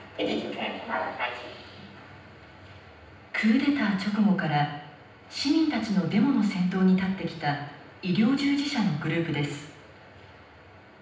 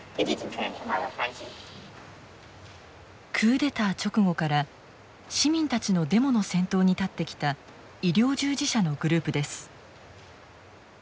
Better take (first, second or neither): second